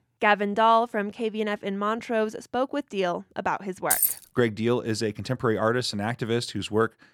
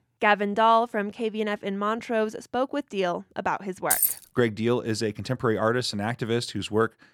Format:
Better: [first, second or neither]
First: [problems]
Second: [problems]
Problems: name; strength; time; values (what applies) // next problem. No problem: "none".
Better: neither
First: jangling keys; loud; at 4 s; peak 4 dB above the speech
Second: jangling keys; loud; at 4 s; peak 4 dB above the speech